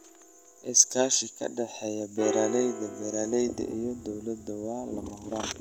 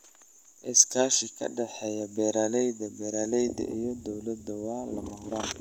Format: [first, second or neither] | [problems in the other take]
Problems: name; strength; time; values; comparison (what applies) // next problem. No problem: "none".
second | background sound (Piano); 11 dB below the speech